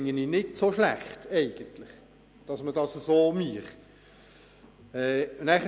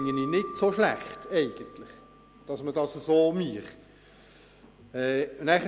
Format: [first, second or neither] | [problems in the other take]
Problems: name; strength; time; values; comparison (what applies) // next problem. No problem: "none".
first | background sound (Keyboard (musical)); 17 dB below the speech